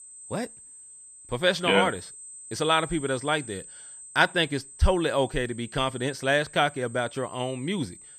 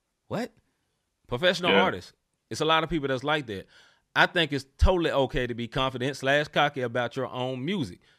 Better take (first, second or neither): second